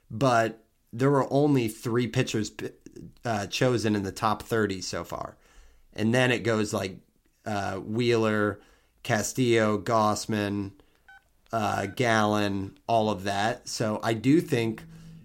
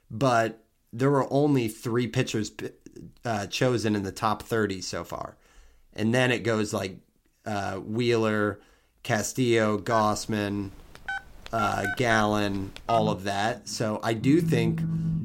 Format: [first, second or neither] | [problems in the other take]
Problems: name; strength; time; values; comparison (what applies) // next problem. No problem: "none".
first | alarms or sirens; loud; from 10 s on; 5 dB below the speech; faint in the first